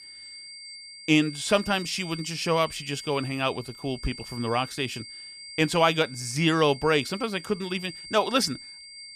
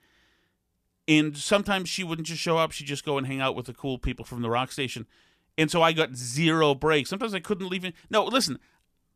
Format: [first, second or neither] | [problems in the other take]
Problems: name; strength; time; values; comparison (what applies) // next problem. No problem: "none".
second | high-pitched whine; noticeable; throughout; 4.5 kHz, 15 dB below the speech